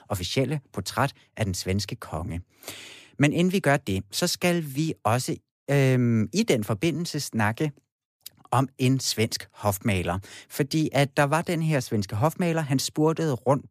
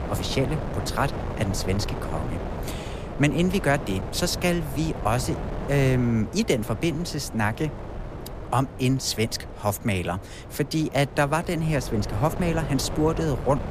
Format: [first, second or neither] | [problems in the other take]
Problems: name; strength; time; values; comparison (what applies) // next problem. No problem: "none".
first | wind noise on the microphone; heavy; 10 dB below the speech